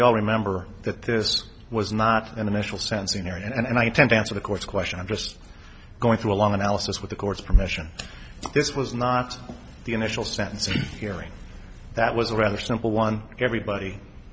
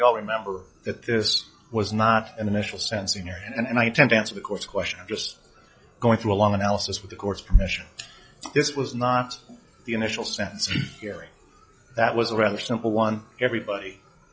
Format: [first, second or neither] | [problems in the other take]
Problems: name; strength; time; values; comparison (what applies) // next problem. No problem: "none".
first | noise reduction (classical method log-MMSE)